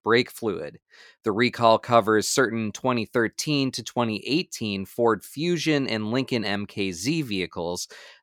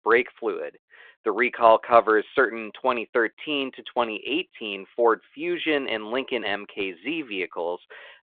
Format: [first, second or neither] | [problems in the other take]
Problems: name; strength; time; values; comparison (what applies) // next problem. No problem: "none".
first | phone-call audio